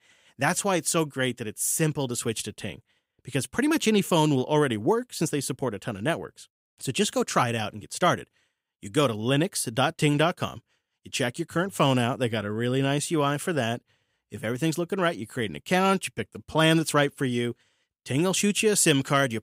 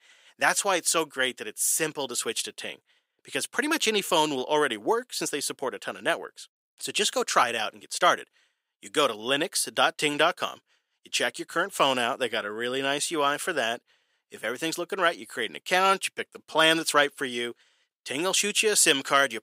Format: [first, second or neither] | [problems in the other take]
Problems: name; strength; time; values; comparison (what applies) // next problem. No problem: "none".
first | thin; somewhat; fading below 450 Hz